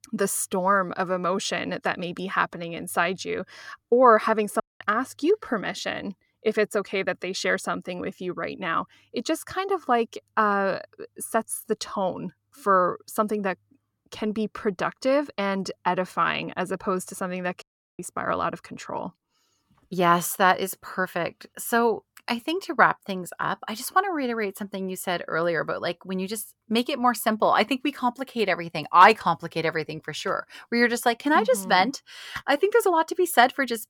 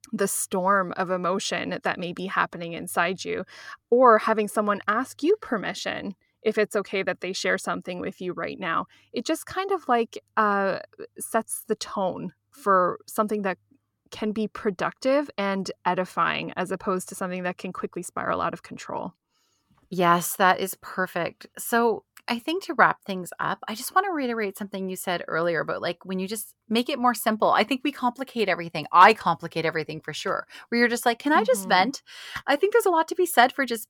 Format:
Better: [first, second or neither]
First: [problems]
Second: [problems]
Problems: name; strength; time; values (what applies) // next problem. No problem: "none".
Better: second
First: audio cutting out; at 4.5 s and at 18 s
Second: none